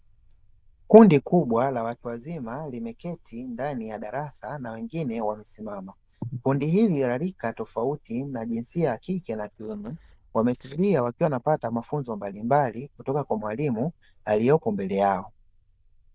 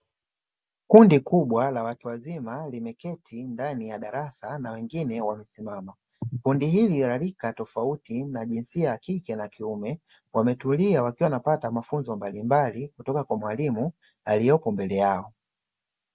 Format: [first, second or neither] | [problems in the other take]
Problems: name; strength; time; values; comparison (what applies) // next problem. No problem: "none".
second | noise reduction (neural diffusion model UNIVERSE++)